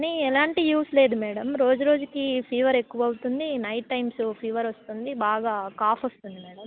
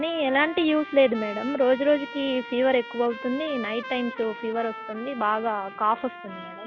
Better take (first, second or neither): first